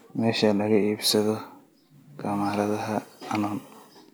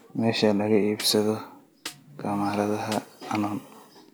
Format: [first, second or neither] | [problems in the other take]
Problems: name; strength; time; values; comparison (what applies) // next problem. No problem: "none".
first | background sound (Snare drum); 16 dB below the speech